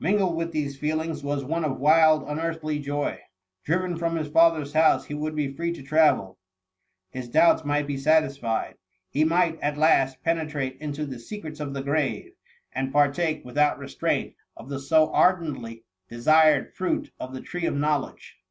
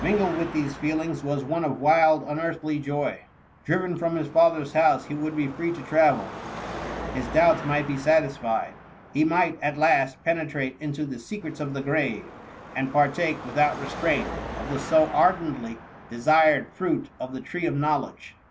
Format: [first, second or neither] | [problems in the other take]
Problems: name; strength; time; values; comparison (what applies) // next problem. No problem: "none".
first | background sound (Car passing by / Traffic noise, roadway noise / Engine); 14 dB below the speech